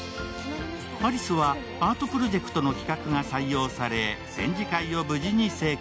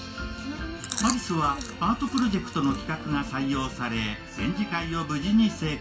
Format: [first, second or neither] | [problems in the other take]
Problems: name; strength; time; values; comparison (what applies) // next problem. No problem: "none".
first | background sound (Chewing, mastication); 12 dB below the speech // room echo; dies away in 0.2 s